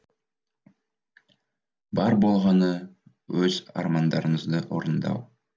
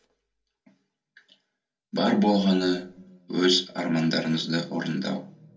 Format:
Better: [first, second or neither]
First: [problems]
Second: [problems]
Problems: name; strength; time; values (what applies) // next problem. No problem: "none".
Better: first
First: none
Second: room echo; dies away in 0.3 s